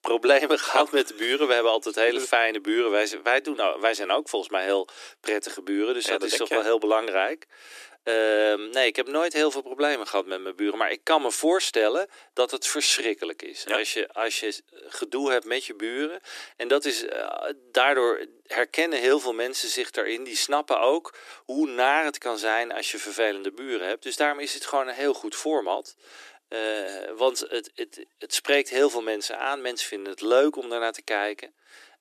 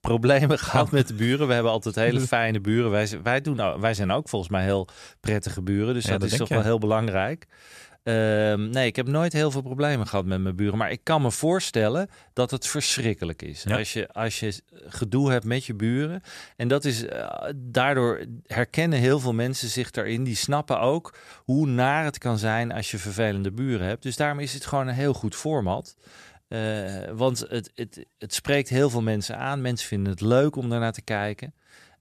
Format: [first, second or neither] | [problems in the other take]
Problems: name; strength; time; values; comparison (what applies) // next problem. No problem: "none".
second | thin; very; fading below 300 Hz